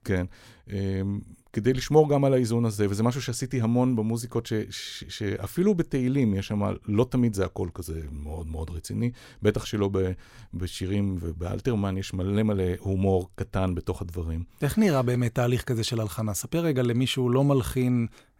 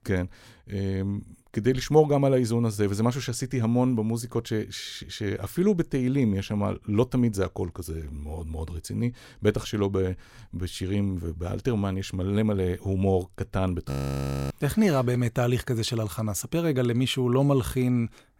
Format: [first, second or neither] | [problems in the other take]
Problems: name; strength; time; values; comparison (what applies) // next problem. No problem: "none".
first | audio freezing; at 14 s for 0.5 s